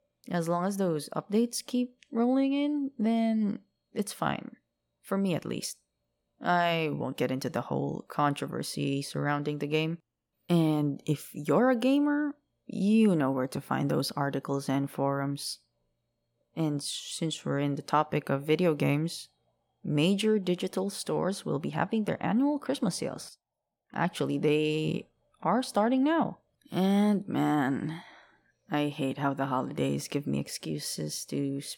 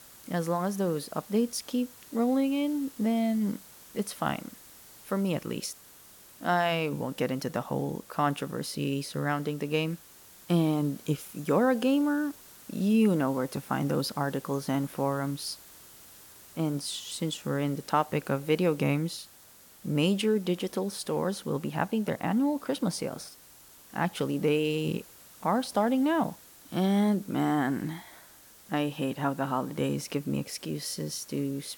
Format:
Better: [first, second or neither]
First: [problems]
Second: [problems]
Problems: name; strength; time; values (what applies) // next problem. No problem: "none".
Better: first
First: none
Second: hiss; faint; throughout; 20 dB below the speech